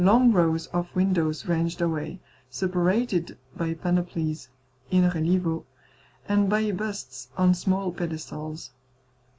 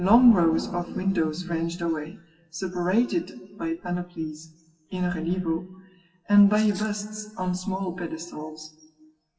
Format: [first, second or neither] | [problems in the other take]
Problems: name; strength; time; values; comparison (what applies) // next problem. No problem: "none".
first | noise reduction (classical method WPE with log-MMSE)